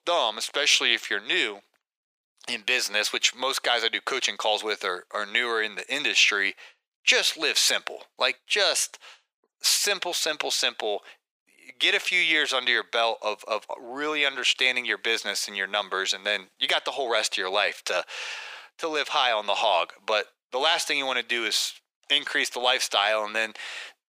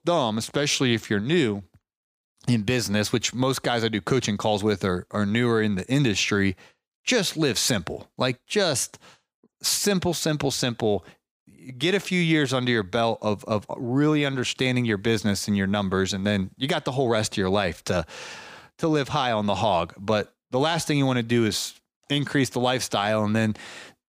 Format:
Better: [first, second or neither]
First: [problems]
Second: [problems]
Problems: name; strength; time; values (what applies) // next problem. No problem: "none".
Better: second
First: thin; very; fading below 500 Hz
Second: none